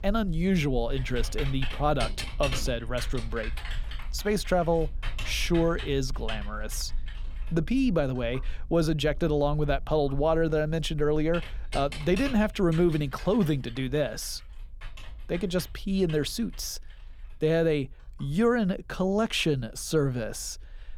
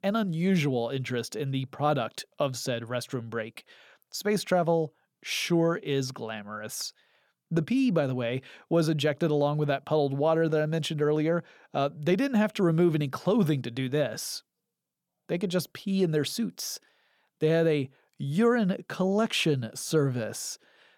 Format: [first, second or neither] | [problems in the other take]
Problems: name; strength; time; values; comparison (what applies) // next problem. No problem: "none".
second | household noises; noticeable; throughout; 10 dB below the speech